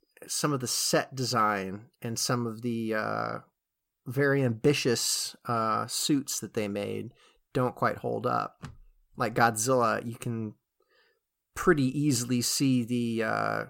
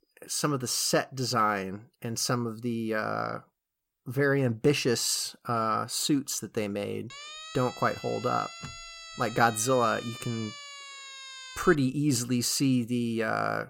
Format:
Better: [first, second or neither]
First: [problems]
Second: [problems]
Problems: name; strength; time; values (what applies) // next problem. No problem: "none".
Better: first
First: none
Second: siren; faint; from 7 to 12 s; peak 10 dB below the speech